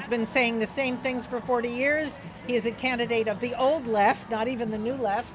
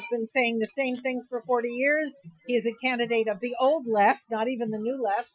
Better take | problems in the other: first | noise reduction (classical method Wiener filter)

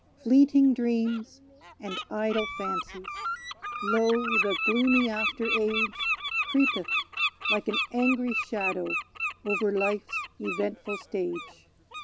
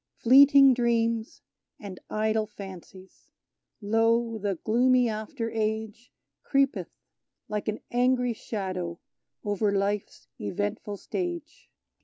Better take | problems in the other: second | background sound (Bird); 4 dB below the speech

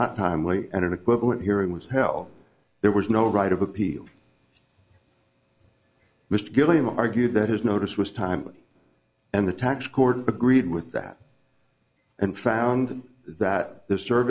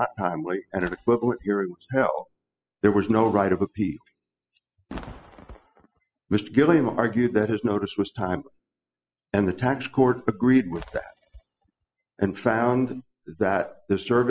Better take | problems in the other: first | noise reduction (classical method spectral subtraction)

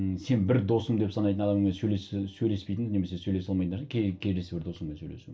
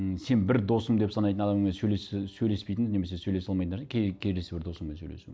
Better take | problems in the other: second | room echo; dies away in 0.2 s

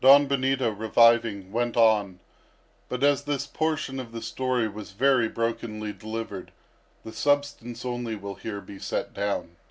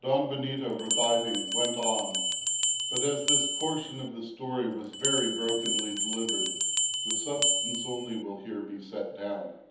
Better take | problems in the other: first | background sound (Bell); 4 dB above the speech // room echo; dies away in 1.3 s

